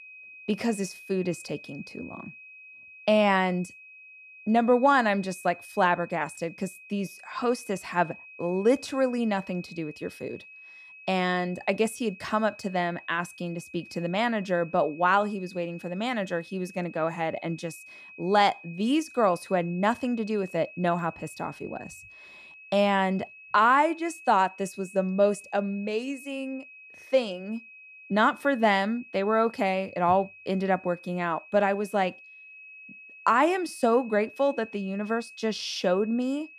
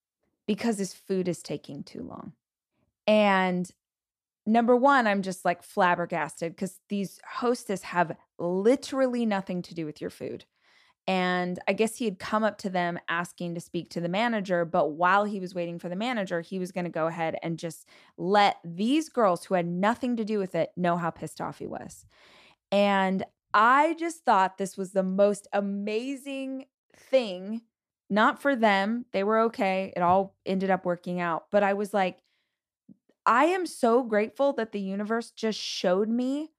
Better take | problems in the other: second | high-pitched whine; noticeable; throughout; 2.5 kHz, 20 dB below the speech

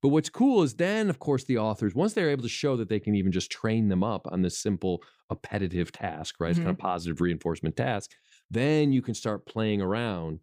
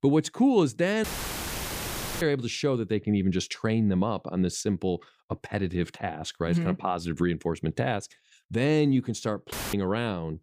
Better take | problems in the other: first | audio cutting out; filled with static; at 1 s for 1 s and at 9.5 s

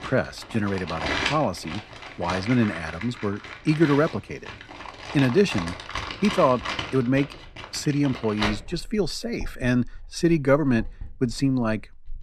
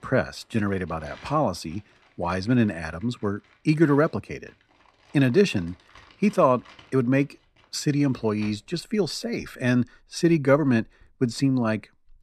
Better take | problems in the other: second | household noises; loud; throughout; 8 dB below the speech; faint in the second

